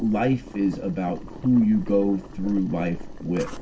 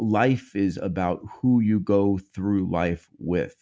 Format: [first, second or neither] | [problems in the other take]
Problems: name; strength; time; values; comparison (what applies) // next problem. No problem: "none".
second | background sound (Boiling); 13 dB below the speech // room echo; dies away in 0.2 s